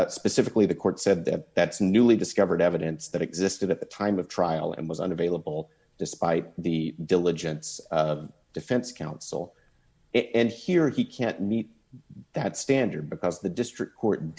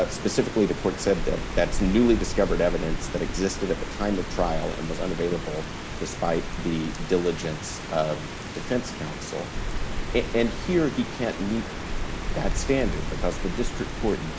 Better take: first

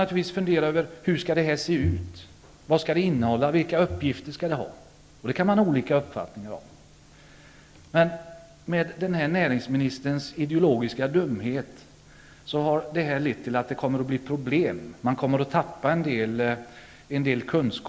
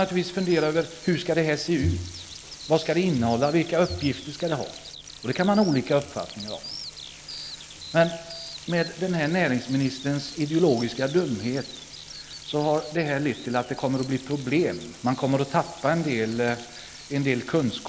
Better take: first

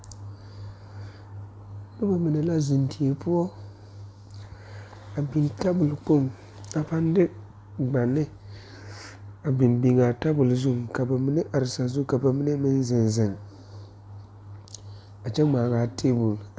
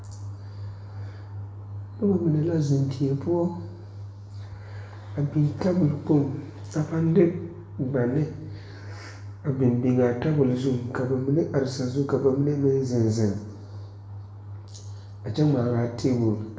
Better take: first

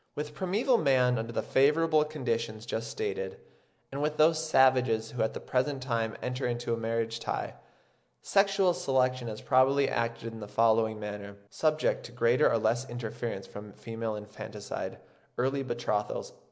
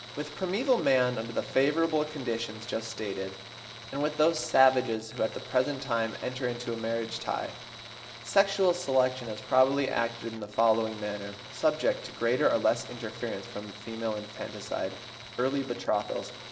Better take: first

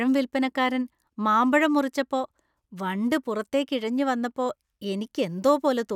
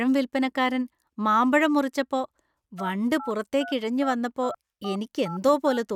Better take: first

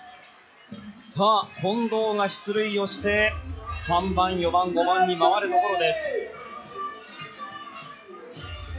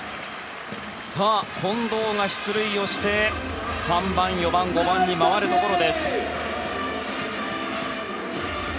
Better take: second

